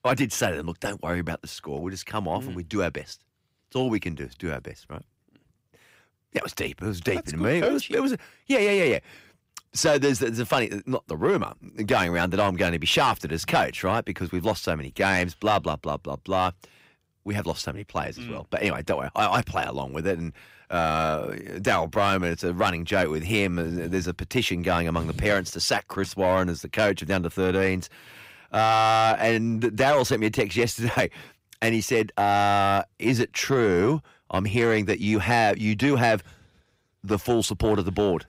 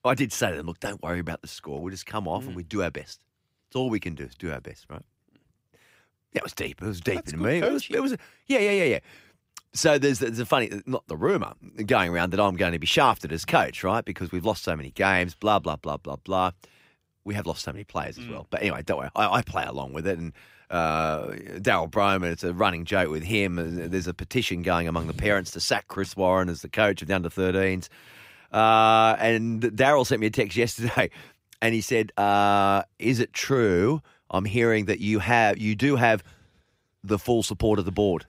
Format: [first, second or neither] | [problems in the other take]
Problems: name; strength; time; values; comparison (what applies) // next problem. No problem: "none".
second | distortion; slight; 10 dB below the speech